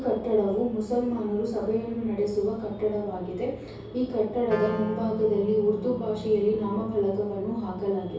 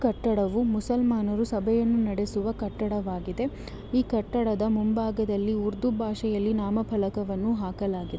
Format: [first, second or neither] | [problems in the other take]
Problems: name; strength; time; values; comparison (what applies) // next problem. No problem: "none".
second | background sound (Wind instrument, woodwind instrument); 12 dB below the speech // room echo; dies away in 0.6 s